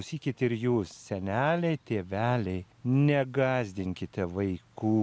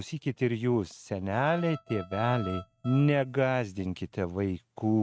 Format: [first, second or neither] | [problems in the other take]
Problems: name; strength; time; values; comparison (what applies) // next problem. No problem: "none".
first | noise reduction (neural mask model RNNoise)